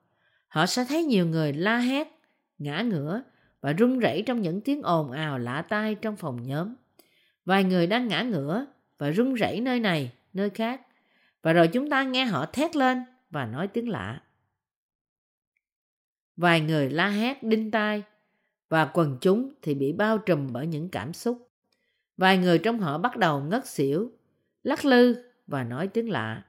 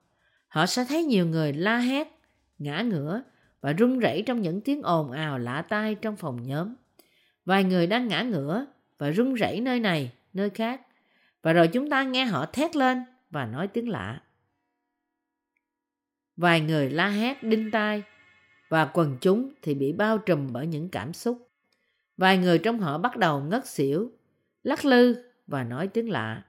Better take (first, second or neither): first